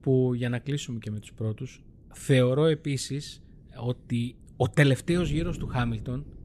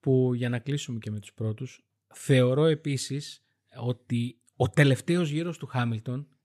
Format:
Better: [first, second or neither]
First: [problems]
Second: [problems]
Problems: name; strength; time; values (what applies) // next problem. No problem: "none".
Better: second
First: wind noise on the microphone; occasional gusts; 25 dB below the speech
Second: none